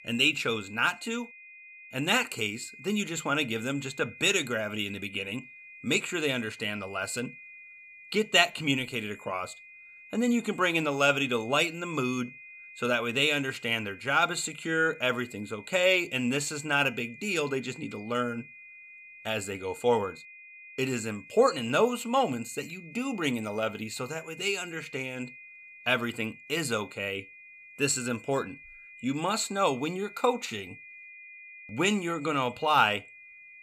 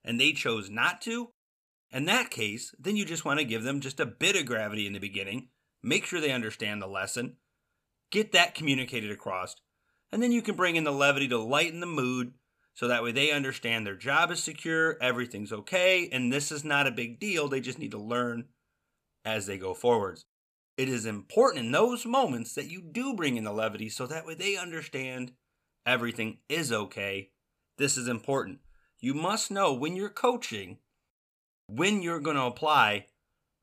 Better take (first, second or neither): second